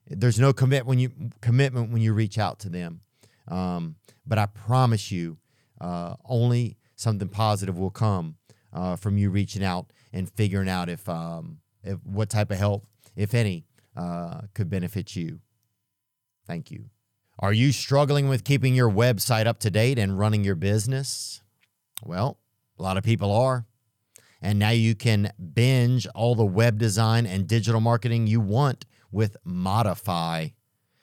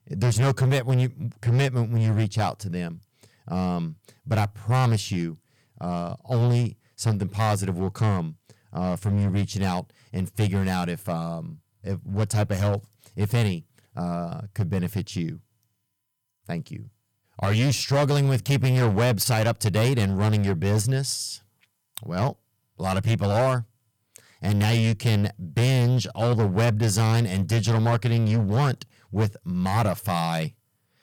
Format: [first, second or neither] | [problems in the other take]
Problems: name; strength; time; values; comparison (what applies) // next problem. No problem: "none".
first | distortion; slight; 10% of the sound clipped